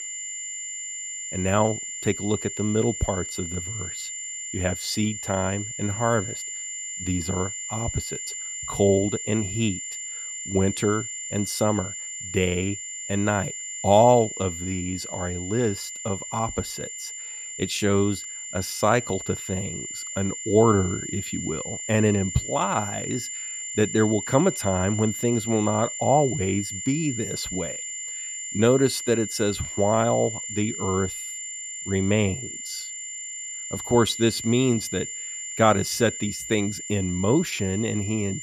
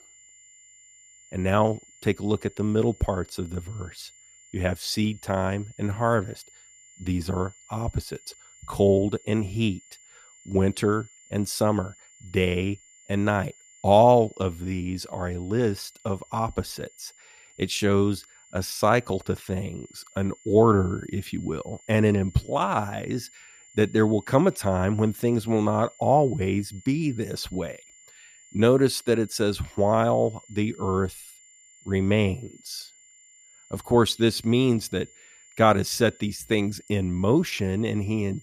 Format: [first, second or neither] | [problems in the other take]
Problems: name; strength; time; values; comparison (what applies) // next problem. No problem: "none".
second | high-pitched whine; loud; throughout; 7 kHz, 7 dB below the speech; faint in the second